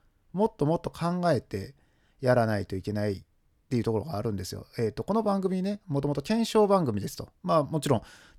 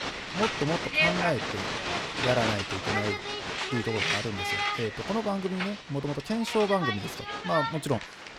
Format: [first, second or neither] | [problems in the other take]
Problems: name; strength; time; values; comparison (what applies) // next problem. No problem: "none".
first | crowd noise; very loud; throughout; 1 dB above the speech